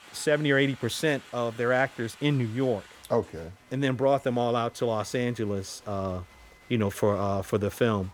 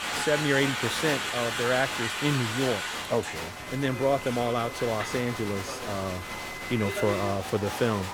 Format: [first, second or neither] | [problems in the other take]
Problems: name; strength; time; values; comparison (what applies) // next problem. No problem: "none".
first | crowd noise; loud; throughout; 3 dB below the speech; faint in the first